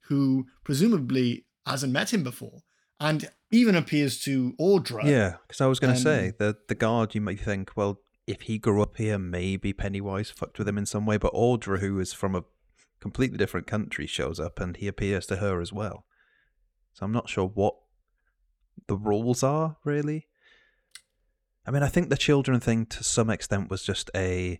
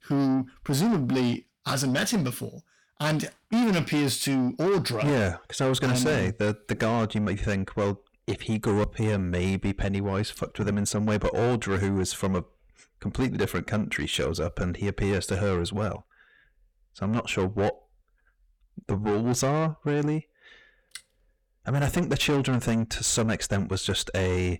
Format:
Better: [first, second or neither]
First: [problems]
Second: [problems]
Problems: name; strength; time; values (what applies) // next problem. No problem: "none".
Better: first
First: none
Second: distortion; heavy; 7 dB below the speech